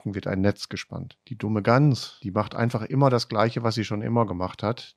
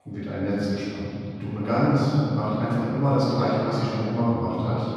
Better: first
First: none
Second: off-mic speech; far // room echo; strong; dies away in 3 s

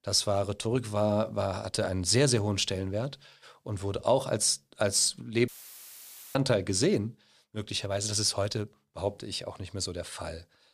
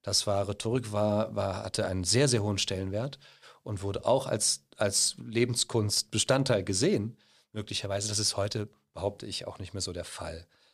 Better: second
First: audio cutting out; filled with static; at 5.5 s for 1 s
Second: none

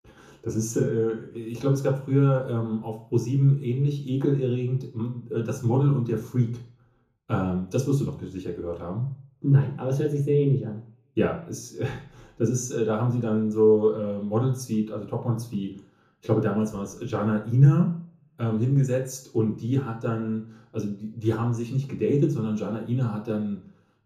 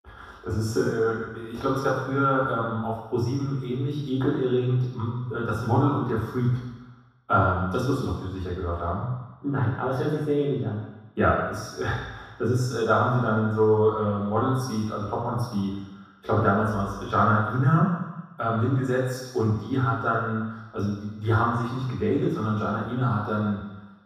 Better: first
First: room echo; slight; dies away in 0.6 s // off-mic speech; far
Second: room echo; strong; dies away in 1.2 s // off-mic speech; far

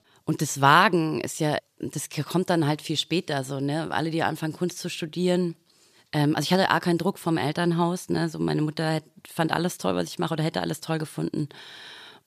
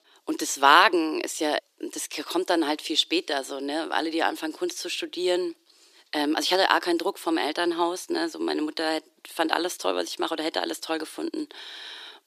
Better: first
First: none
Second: thin; somewhat; fading below 300 Hz

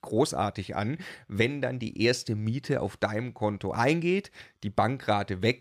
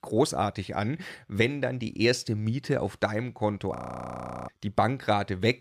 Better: first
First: none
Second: audio freezing; at 4 s for 0.5 s

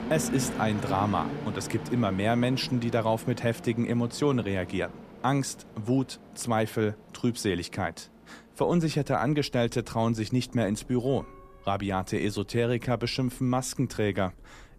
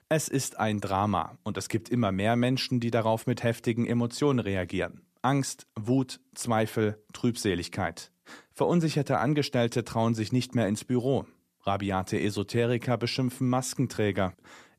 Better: second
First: train or aircraft noise; noticeable; throughout; 10 dB below the speech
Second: none

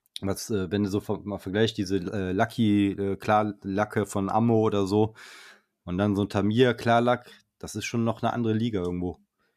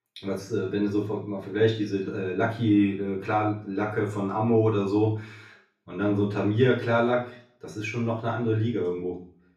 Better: first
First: none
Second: room echo; noticeable; dies away in 0.5 s // off-mic speech; far

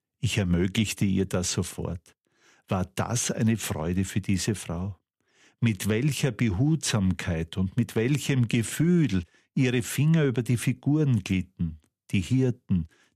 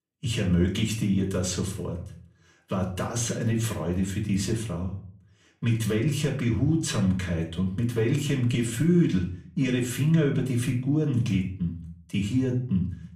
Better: first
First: none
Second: off-mic speech; far // room echo; slight; dies away in 0.4 s

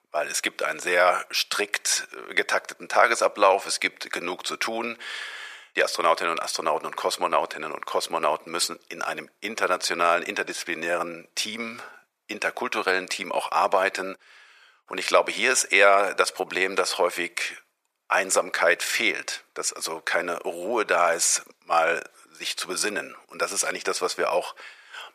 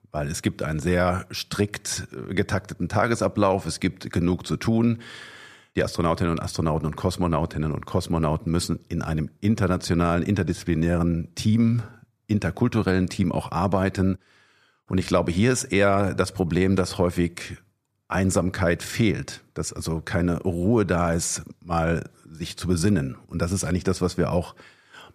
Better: second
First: thin; very; fading below 550 Hz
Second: none

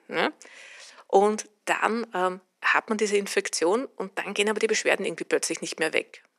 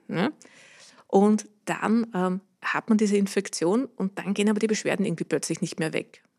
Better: second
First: thin; somewhat; fading below 500 Hz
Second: none

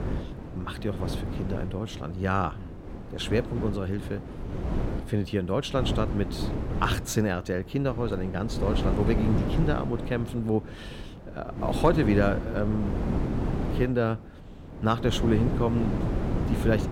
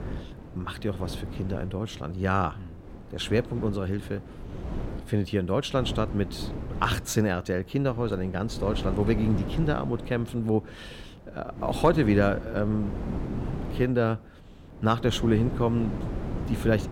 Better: second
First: wind noise on the microphone; heavy; 7 dB below the speech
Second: wind noise on the microphone; occasional gusts; 10 dB below the speech

